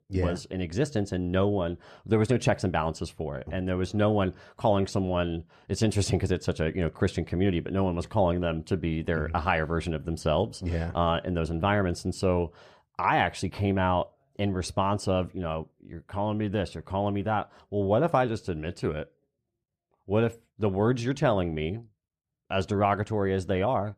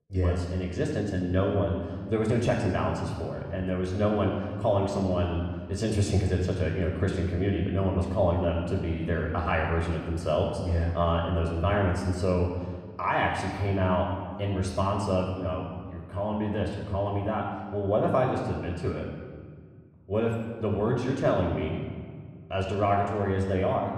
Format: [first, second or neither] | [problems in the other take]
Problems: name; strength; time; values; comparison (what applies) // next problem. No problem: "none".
first | off-mic speech; somewhat distant // room echo; noticeable; dies away in 1.5 s